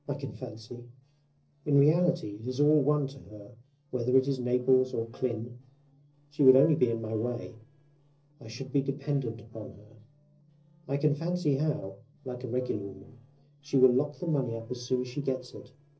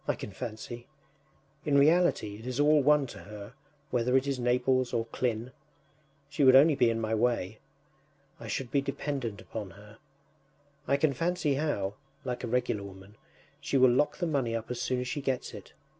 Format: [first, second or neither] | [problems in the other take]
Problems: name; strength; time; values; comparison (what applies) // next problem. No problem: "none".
second | noise reduction (neural separator model SepFormer DNS4)